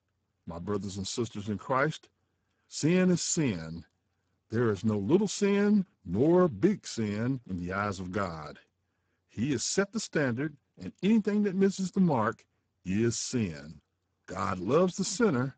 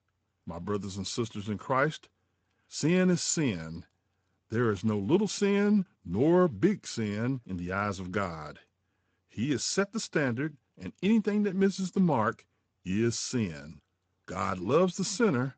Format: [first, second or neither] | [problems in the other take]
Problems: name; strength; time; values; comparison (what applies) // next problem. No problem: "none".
second | garbled, watery; badly; nothing above 7.5 kHz; slightly in the second